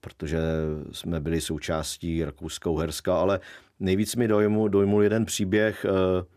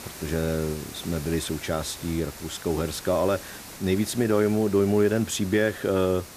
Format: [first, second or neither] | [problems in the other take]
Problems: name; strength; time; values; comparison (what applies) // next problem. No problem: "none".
first | hiss; noticeable; throughout; 15 dB below the speech